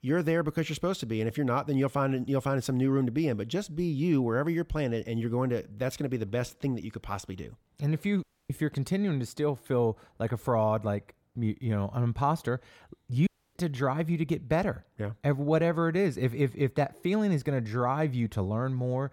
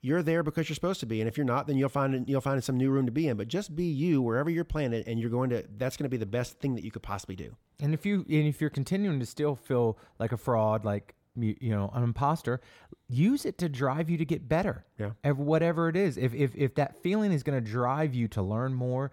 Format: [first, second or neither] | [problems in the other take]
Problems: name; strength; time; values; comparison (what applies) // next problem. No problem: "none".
second | audio cutting out; at 8 s and at 13 s